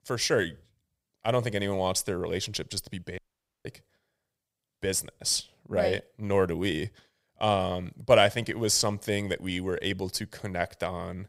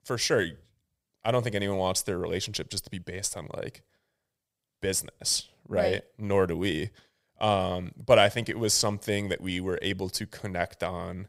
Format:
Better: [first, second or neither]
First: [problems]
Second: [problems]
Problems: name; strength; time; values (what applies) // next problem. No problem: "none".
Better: second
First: audio cutting out; at 3 s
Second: none